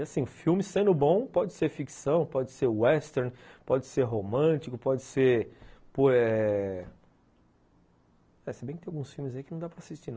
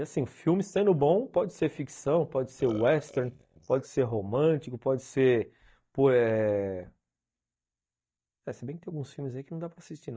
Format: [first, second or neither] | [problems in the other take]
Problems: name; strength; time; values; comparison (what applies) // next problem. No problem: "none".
first | noise reduction (neural mask model DeepFilterNet 3)